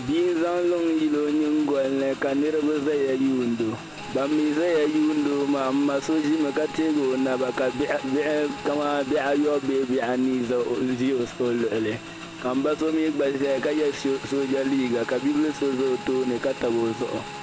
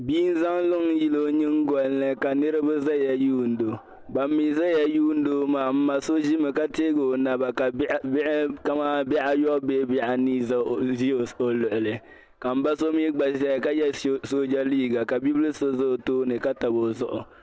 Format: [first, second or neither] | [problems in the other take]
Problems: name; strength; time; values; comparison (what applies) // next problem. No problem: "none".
second | background sound (Motorcycle / Engine); 14 dB below the speech